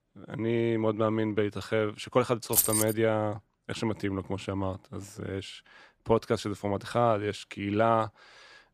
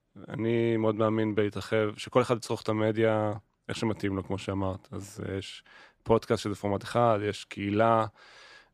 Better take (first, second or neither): second